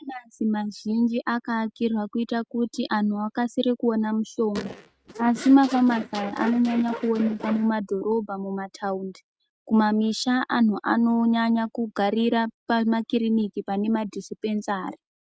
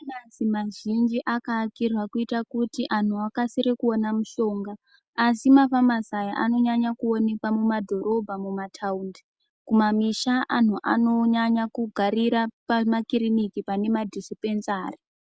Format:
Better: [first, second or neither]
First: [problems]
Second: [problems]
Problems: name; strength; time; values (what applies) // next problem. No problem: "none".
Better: second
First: noise reduction (neural mask model RNNoise)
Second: none